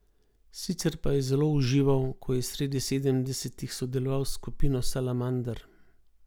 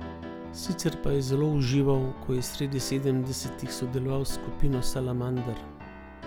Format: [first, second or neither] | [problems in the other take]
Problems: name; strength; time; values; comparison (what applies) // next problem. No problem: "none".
first | background sound (Piano); 12 dB below the speech